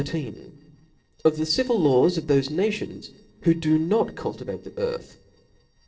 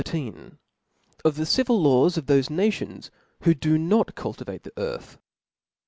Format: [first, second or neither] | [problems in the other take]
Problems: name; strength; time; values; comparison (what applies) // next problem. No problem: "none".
second | noise reduction (neural separator model SepFormer DNS4)